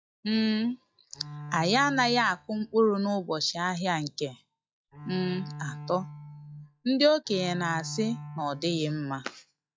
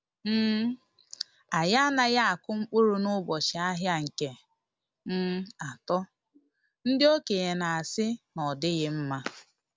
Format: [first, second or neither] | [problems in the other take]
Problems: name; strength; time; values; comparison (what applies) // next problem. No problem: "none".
second | noise reduction (classical method log-MMSE)